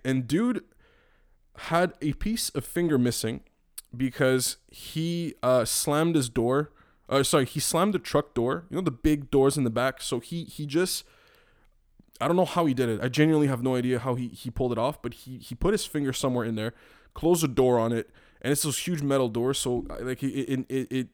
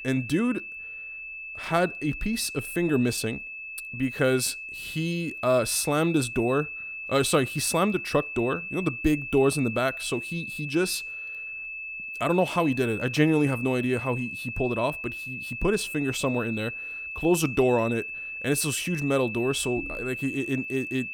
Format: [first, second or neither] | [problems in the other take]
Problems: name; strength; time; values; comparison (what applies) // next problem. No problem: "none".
first | high-pitched whine; loud; throughout; 2.5 kHz, 7 dB below the speech